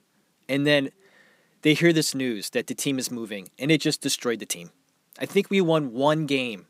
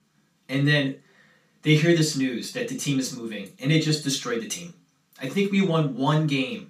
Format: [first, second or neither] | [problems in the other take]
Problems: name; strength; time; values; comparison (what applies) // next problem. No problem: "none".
first | room echo; slight; dies away in 0.3 s // off-mic speech; far